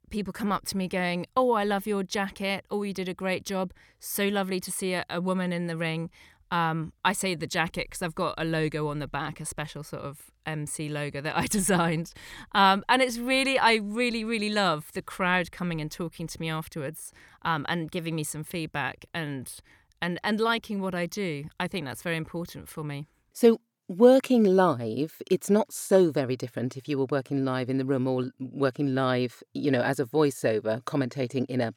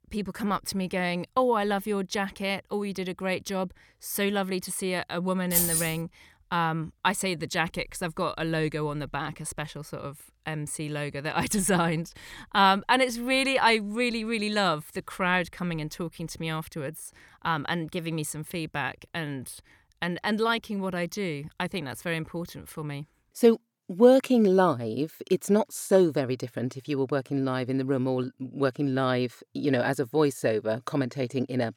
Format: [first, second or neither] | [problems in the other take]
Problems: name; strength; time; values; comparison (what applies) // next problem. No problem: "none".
first | jangling keys; loud; at 5.5 s; peak 5 dB above the speech